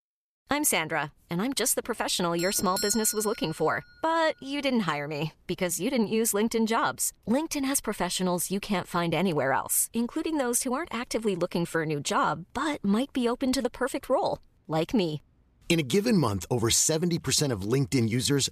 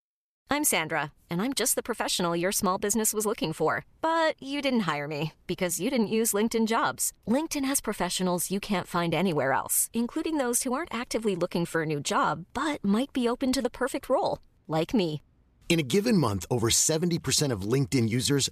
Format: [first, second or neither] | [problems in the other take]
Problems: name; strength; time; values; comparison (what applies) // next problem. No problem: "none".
second | doorbell; noticeable; from 2.5 to 3.5 s; peak 5 dB below the speech